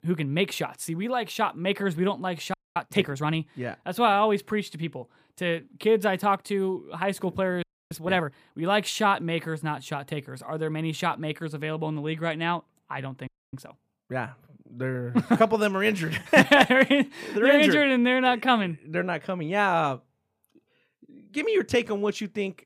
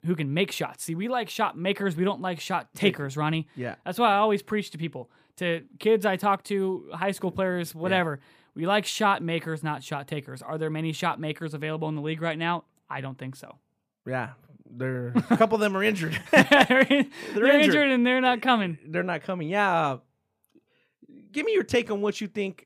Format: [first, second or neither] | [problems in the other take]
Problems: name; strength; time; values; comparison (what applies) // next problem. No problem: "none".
second | audio freezing; at 2.5 s, at 7.5 s and at 13 s